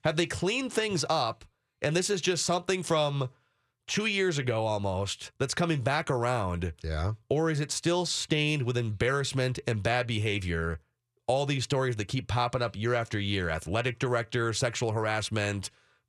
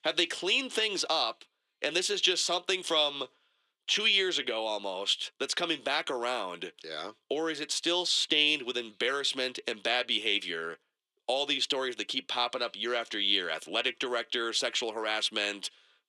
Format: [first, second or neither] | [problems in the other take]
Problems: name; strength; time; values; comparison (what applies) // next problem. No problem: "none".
first | thin; somewhat; fading below 250 Hz